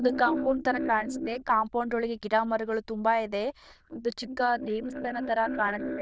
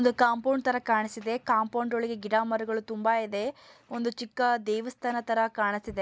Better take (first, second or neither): second